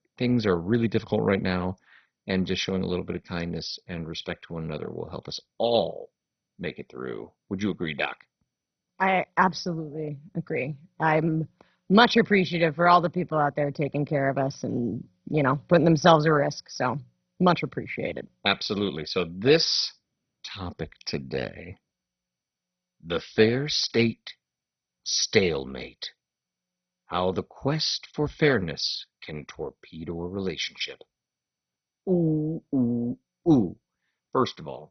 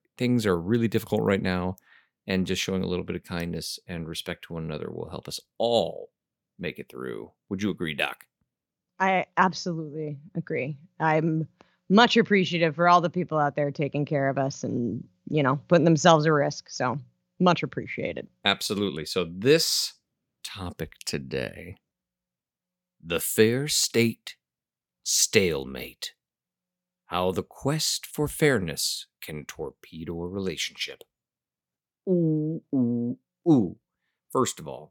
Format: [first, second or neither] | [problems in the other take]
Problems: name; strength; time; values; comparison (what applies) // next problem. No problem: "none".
second | garbled, watery; badly; nothing above 6 kHz